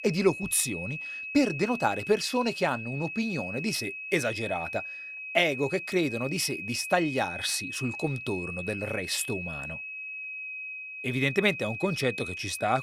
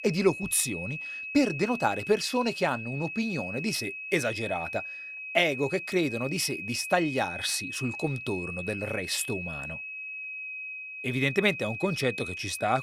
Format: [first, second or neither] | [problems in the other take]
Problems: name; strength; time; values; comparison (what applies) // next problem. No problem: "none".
neither | high-pitched whine; loud; throughout; 2.5 kHz, 7 dB below the speech; the same in both